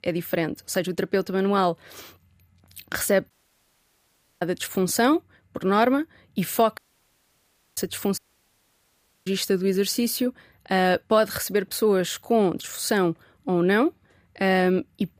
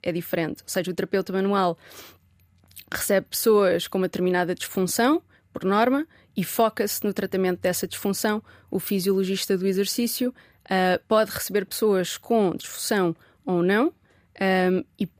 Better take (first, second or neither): second